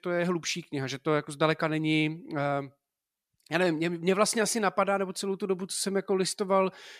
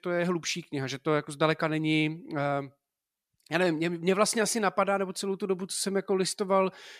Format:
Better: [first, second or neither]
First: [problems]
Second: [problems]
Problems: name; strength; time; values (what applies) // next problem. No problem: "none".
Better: neither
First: none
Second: none